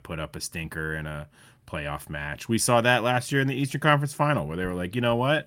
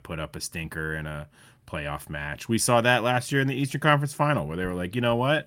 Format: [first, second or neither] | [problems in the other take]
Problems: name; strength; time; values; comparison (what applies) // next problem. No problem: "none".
neither | none